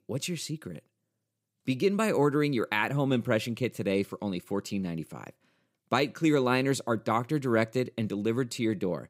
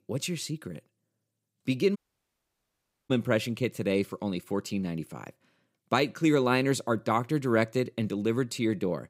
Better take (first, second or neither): first